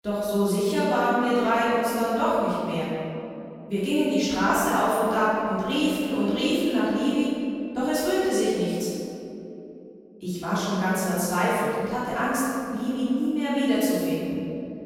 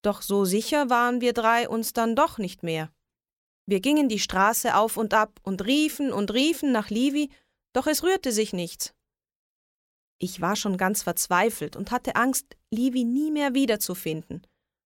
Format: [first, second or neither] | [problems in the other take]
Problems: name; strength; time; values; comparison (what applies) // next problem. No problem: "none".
second | room echo; strong; dies away in 2.7 s // off-mic speech; far